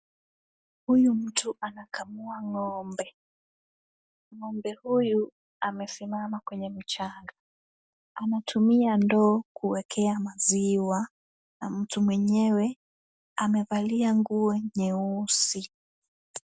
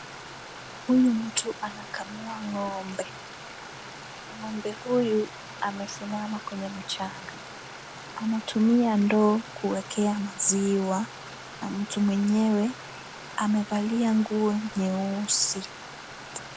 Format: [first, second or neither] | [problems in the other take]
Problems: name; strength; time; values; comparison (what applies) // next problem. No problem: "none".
first | background sound (Stream); 14 dB below the speech